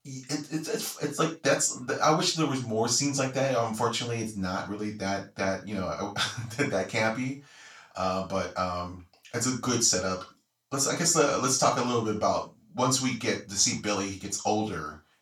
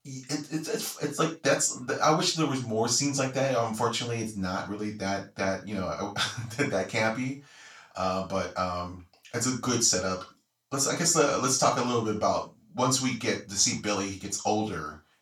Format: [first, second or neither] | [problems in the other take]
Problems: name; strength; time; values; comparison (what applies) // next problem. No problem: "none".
neither | room echo; slight; dies away in 0.3 s; the same in both // off-mic speech; far; the same in both